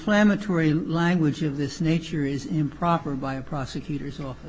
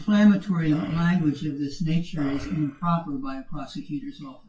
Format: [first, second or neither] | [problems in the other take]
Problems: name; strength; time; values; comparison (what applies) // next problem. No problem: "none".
first | noise reduction (classical method WPE with log-MMSE)